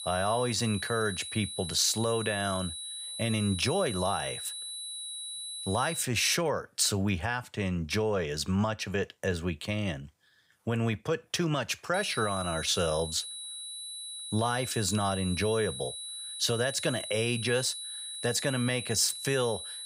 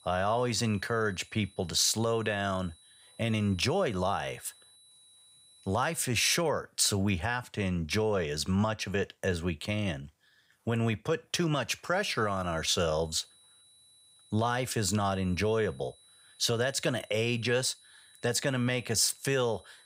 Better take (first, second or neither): second